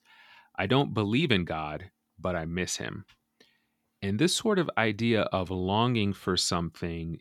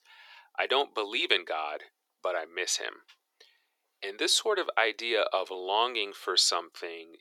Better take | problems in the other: first | thin; very; fading below 400 Hz

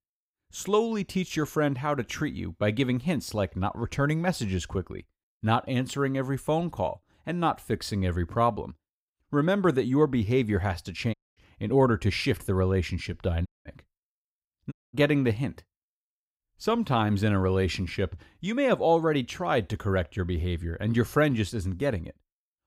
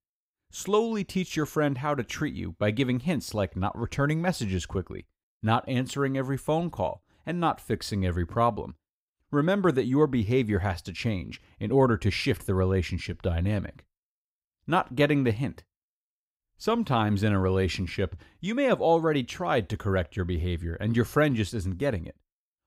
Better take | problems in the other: second | audio cutting out; at 11 s, at 13 s and at 15 s

